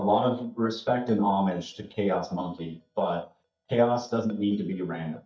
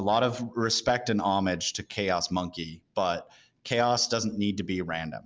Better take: second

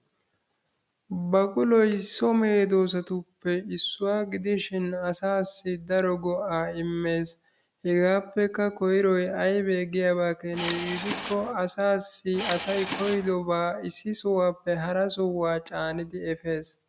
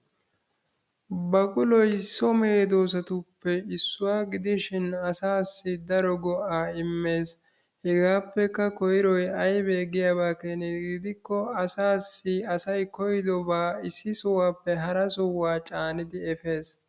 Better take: second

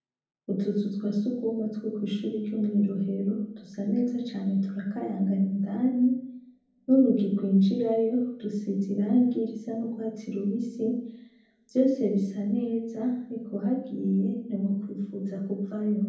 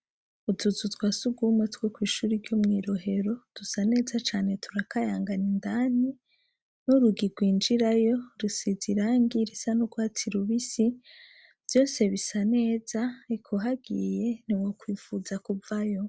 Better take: second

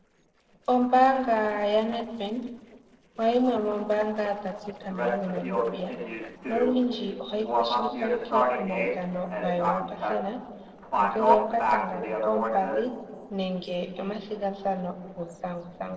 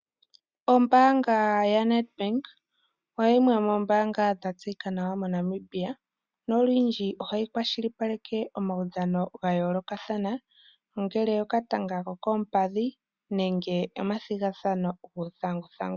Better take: second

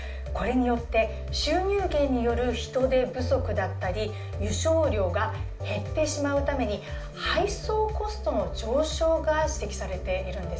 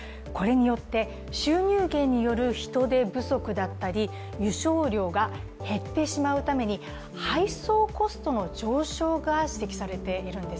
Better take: second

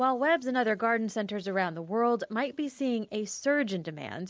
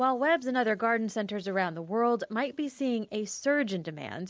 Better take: second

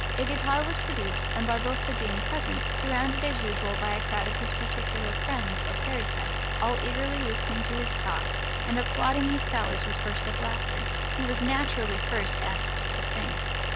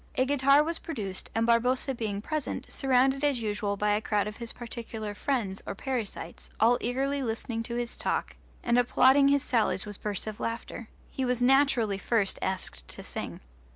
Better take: second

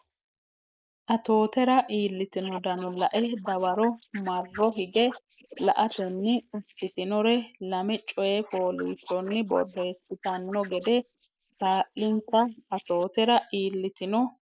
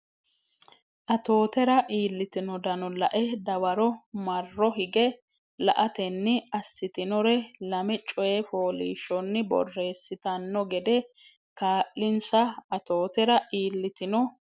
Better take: second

